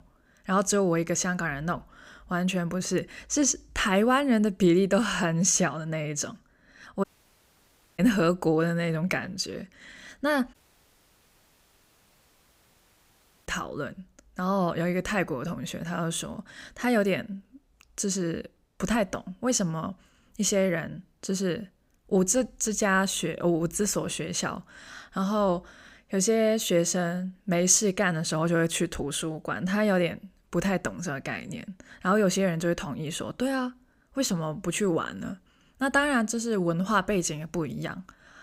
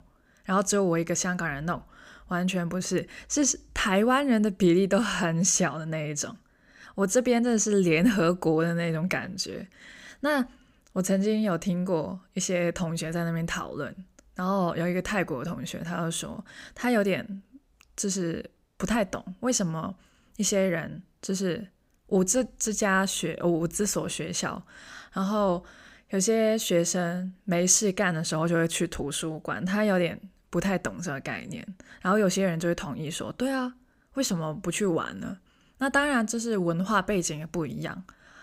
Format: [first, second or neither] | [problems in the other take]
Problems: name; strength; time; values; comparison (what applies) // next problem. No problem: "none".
second | audio cutting out; at 7 s for 1 s and at 11 s for 3 s